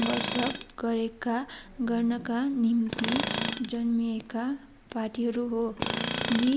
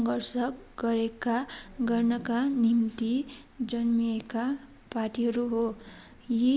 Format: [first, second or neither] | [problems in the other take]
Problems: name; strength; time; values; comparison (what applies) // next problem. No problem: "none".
second | background sound (Tools); 7 dB below the speech